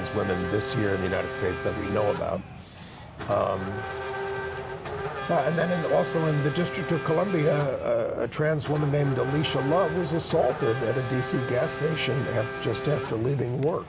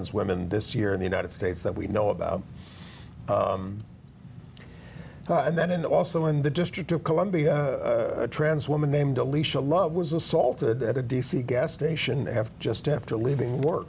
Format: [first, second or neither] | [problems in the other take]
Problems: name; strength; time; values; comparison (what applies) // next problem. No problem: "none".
second | background sound (Race car, auto racing / Accelerating, revving, vroom); 7 dB below the speech